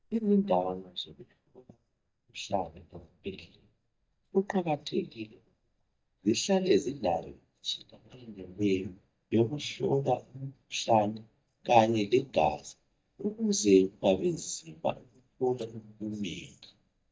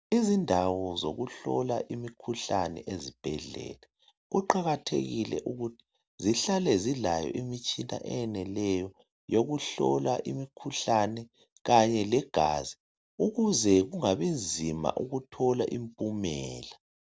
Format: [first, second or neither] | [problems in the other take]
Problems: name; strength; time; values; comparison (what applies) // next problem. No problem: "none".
second | noise reduction (neural mask model DeepFilterNet 3)